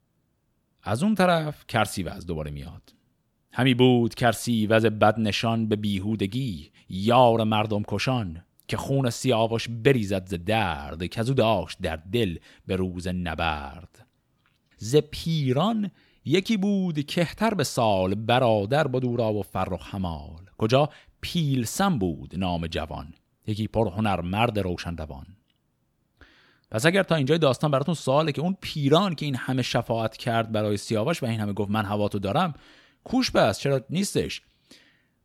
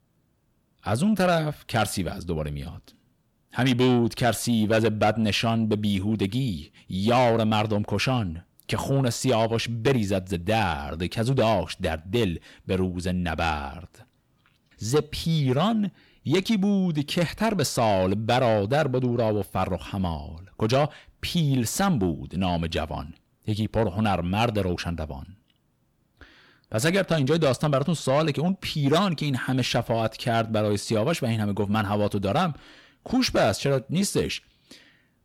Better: first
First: none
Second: distortion; slight; 10 dB below the speech

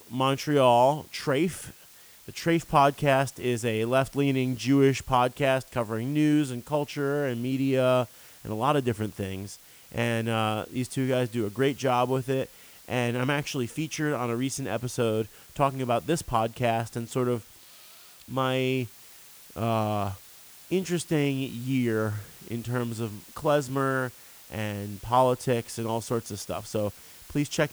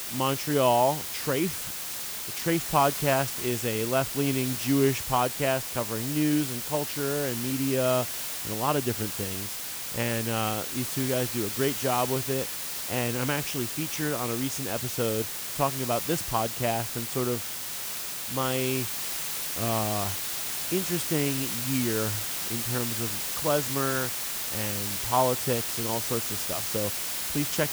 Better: first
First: hiss; faint; throughout; 20 dB below the speech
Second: hiss; loud; throughout; 1 dB below the speech

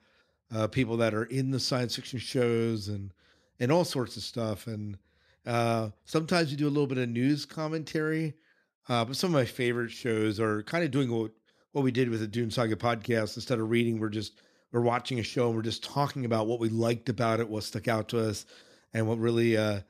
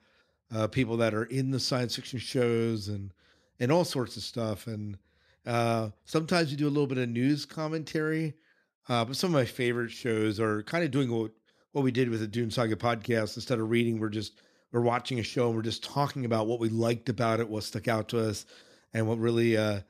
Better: neither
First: none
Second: none

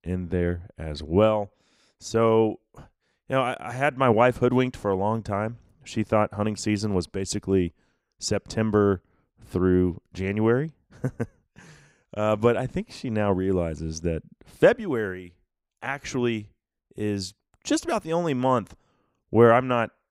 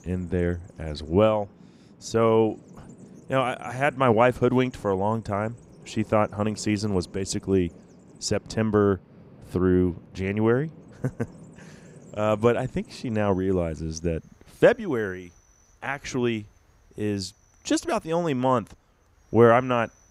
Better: first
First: none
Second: animal sounds; faint; throughout; 25 dB below the speech

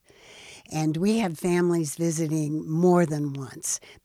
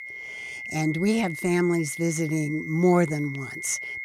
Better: first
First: none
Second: high-pitched whine; loud; throughout; 2 kHz, 9 dB below the speech

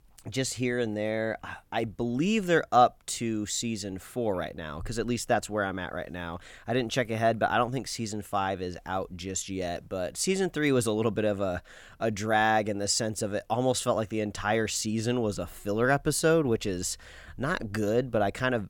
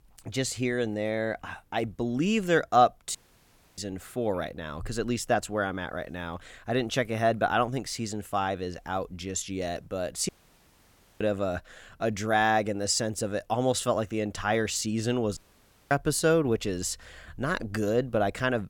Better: first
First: none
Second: audio cutting out; at 3 s for 0.5 s, at 10 s for 1 s and at 15 s for 0.5 s

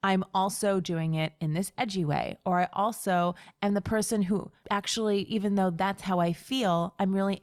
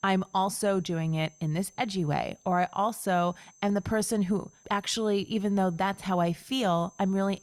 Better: first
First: none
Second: high-pitched whine; faint; throughout; 6 kHz, 30 dB below the speech

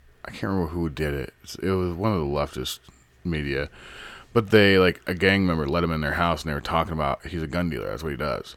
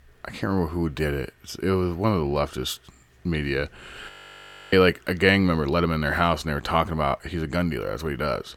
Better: first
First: none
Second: audio freezing; at 4 s for 0.5 s

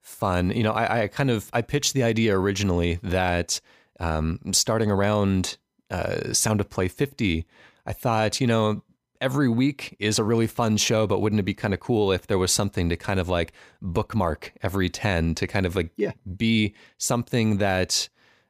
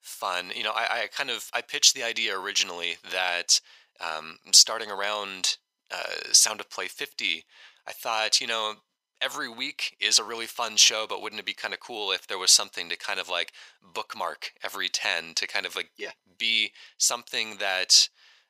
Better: first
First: none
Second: thin; very; fading below 900 Hz

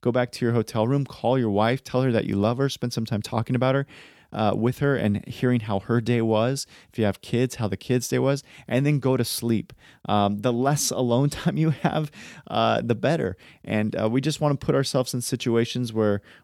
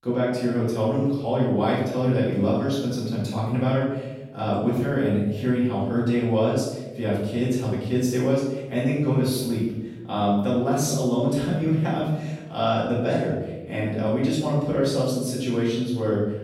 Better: first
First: none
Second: off-mic speech; far // room echo; noticeable; dies away in 0.9 s

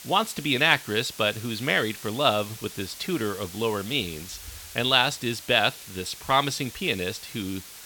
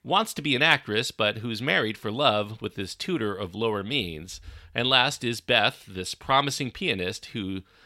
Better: second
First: hiss; noticeable; throughout; 15 dB below the speech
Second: none

